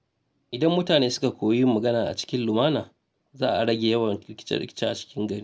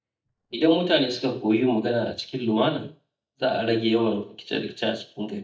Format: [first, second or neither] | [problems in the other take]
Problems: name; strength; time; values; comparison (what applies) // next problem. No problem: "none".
first | noise reduction (neural mask model DeepFilterNet 3)